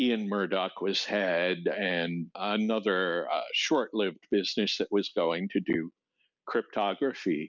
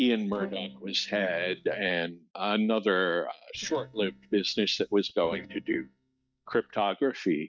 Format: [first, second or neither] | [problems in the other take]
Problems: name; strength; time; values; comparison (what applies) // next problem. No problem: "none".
first | noise reduction (neural mask model DeepFilterNet 3)